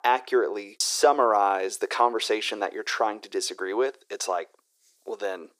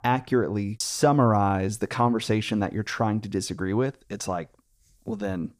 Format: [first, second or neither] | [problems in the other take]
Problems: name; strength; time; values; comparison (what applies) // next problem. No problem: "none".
second | thin; very; fading below 350 Hz